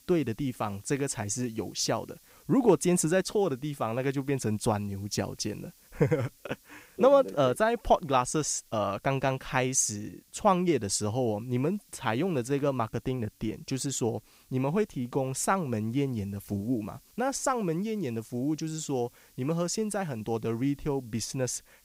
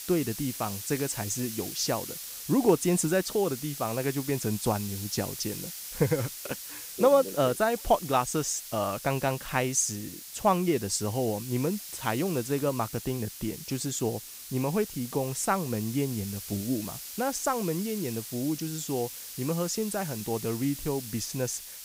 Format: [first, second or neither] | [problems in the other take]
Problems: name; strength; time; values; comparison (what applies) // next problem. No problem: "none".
first | hiss; loud; throughout; 9 dB below the speech; faint in the first